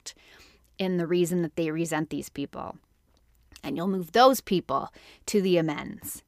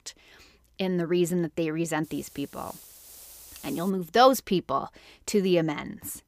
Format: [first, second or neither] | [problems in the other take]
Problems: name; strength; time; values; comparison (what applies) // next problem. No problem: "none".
first | hiss; noticeable; from 2 to 4 s; 20 dB below the speech